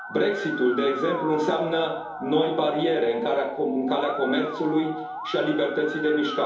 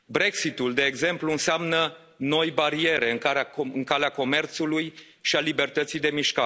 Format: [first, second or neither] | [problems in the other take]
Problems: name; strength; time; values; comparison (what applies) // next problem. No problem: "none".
second | background sound (Musical instrument); 10 dB below the speech // room echo; dies away in 2.8 s